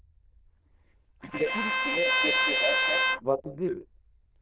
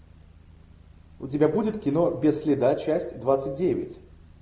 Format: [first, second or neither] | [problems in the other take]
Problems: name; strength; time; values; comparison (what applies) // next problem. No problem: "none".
second | noise reduction (neural diffusion model UNIVERSE++)